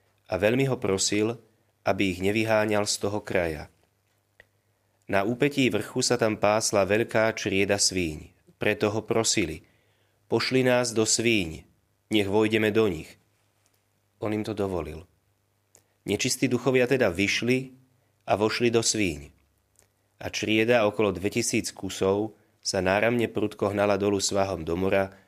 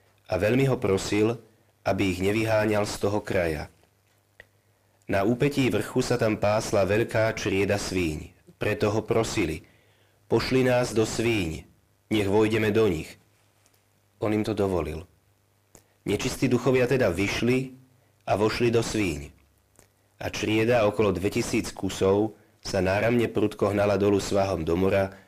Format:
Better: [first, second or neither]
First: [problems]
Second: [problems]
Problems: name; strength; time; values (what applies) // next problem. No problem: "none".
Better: first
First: none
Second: distortion; heavy; 5 dB below the speech